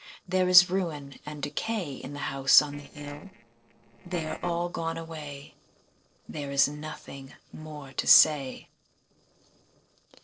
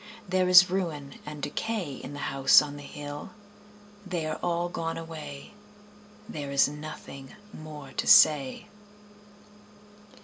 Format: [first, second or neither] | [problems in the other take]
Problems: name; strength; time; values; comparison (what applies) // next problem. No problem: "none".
second | noise reduction (neural separator model SepFormer DNS4)